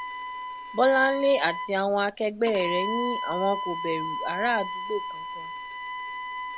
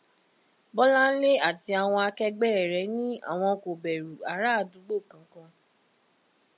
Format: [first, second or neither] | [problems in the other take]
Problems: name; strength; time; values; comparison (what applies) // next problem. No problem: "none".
second | background sound (Bowed string instrument); 6 dB below the speech